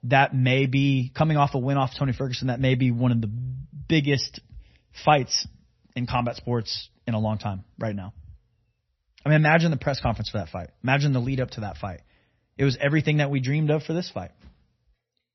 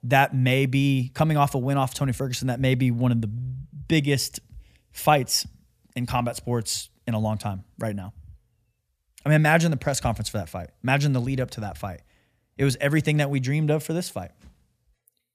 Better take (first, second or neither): second